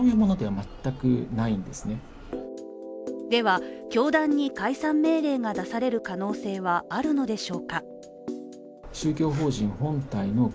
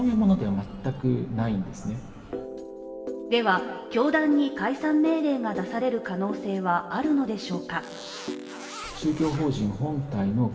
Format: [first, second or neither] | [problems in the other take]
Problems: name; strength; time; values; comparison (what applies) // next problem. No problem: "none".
first | background sound (Zipper (clothing)); 15 dB below the speech // room echo; dies away in 1.8 s